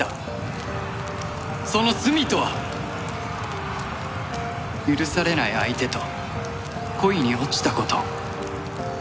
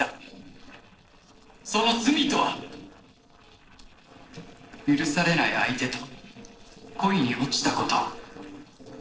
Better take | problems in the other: first | noise reduction (neural separator model SepFormer DNS4)

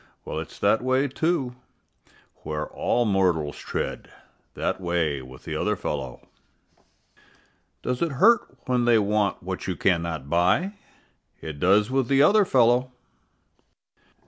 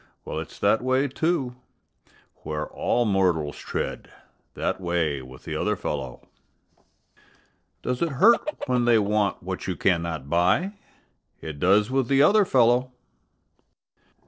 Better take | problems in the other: first | noise reduction (neural separator model SepFormer DNS4)

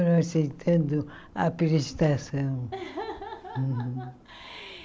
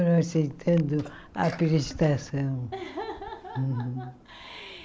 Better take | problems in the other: first | background sound (Sneeze); 20 dB below the speech

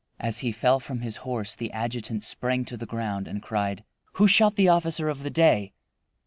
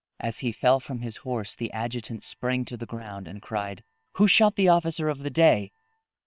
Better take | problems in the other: first | noise reduction (neural separator model SepFormer WHAM!)

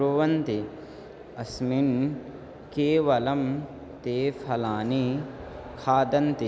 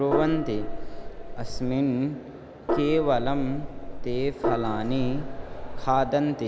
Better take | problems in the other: first | background sound (Gong); 2 dB below the speech

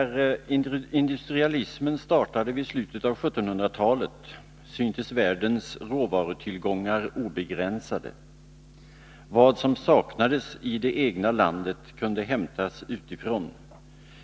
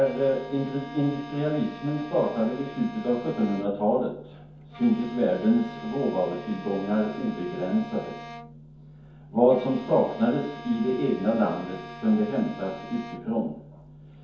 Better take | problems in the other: first | background sound (Bowed string instrument); 16 dB below the speech // room echo; dies away in 0.6 s

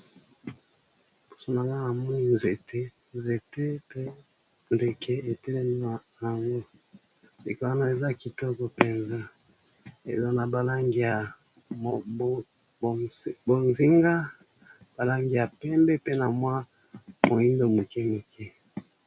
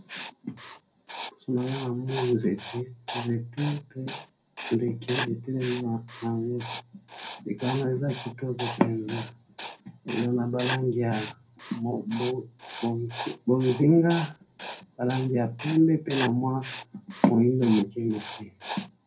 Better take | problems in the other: first | background sound (Writing); 12 dB below the speech // room echo; dies away in 0.2 s

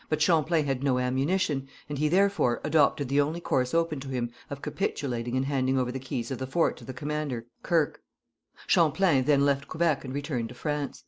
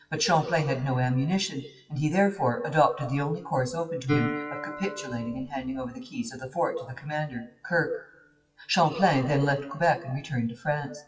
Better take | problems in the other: first | noise reduction (classical method WPE with log-MMSE)

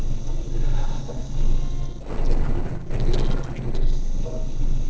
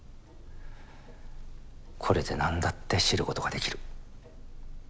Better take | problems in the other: second | noise reduction (neural separator model SepFormer DNS4)

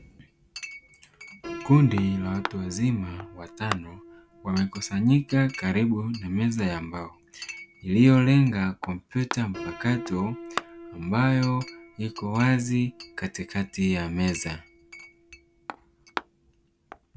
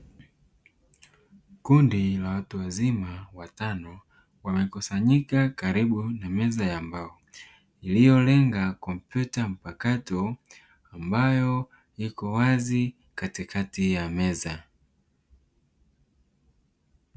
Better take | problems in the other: second | background sound (Chink, clink + Piano); 15 dB below the speech

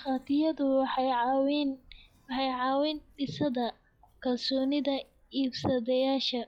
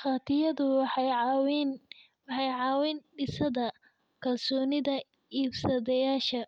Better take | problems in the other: second | noise reduction (classical method log-MMSE)

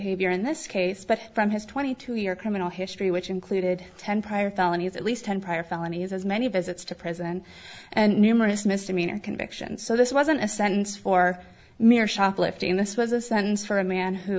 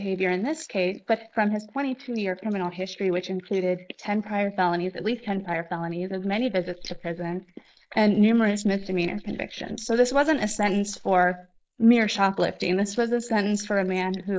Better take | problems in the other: first | noise reduction (neural mask model Resemble Enhance denoiser)

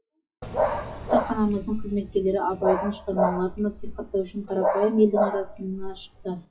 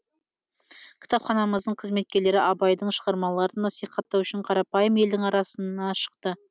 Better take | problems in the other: second | noise reduction (classical method WPE with log-MMSE)

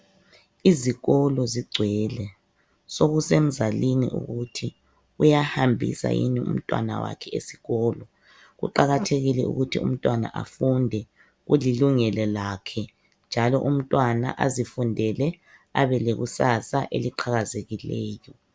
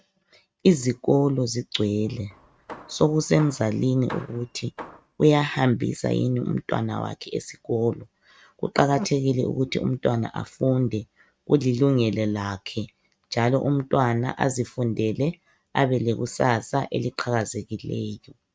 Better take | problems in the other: first | noise reduction (neural mask model RNNoise)

